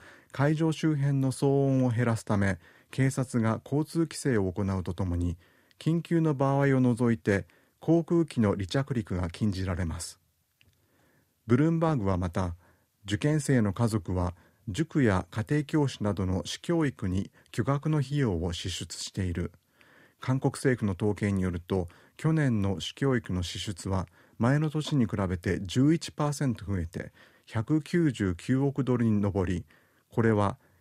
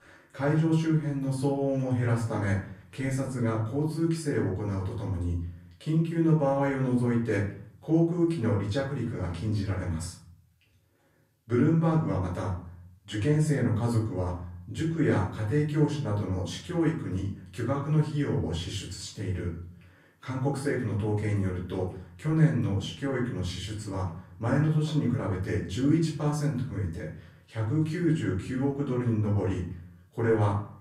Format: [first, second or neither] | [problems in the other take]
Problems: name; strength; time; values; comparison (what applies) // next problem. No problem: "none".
first | off-mic speech; far // room echo; noticeable; dies away in 0.5 s